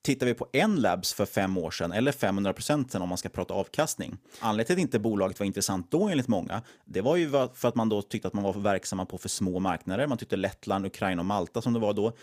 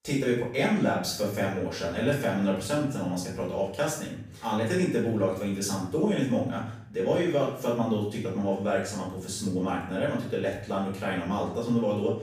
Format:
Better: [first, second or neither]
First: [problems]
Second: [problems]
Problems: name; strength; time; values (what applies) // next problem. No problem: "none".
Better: first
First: none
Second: off-mic speech; far // room echo; noticeable; dies away in 0.6 s